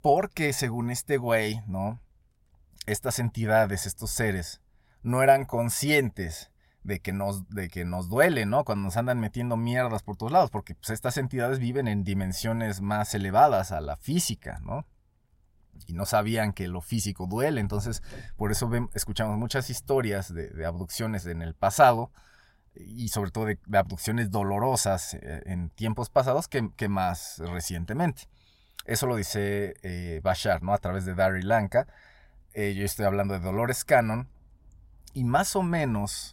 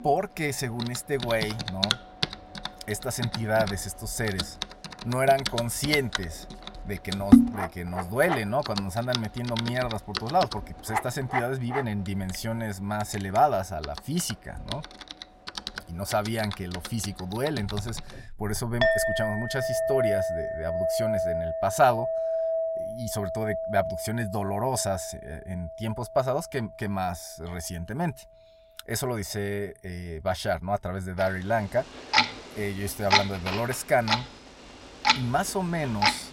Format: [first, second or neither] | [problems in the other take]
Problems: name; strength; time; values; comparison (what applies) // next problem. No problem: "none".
first | household noises; very loud; throughout; as loud as the speech